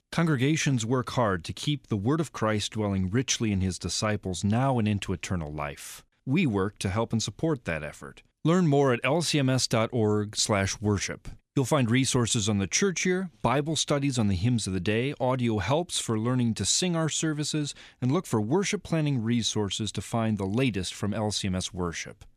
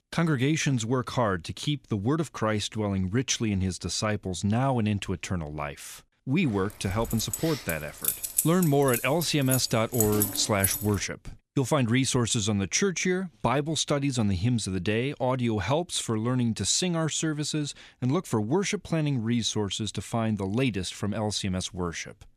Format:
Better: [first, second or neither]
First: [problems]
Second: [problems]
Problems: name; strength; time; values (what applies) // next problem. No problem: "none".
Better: first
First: none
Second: jangling keys; loud; from 7 to 11 s; peak 1 dB above the speech